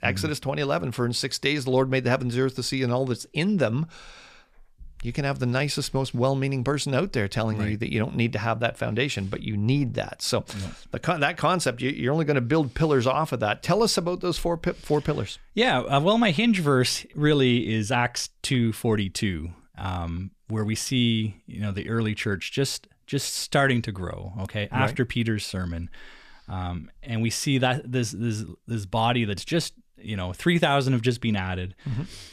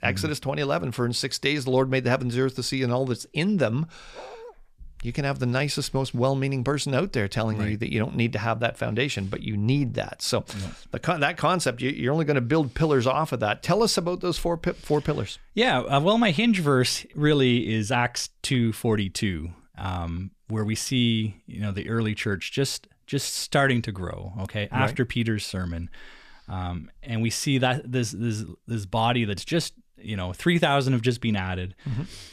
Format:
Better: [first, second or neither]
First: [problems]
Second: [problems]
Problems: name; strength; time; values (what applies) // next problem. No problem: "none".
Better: first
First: none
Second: dog barking; faint; at 4 s; peak 15 dB below the speech